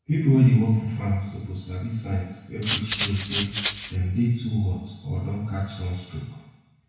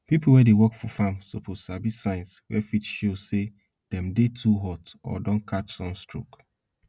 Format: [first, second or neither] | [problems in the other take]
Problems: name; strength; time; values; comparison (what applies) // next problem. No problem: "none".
second | background sound (Rattle (instrument)); 5 dB below the speech // room echo; dies away in 1 s